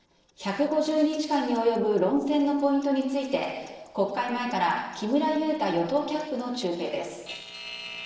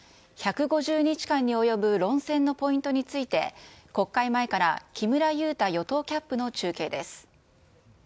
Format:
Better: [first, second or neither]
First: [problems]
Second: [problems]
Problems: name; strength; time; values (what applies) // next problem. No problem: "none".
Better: second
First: noise reduction (neural separator model SepFormer DNS4)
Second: none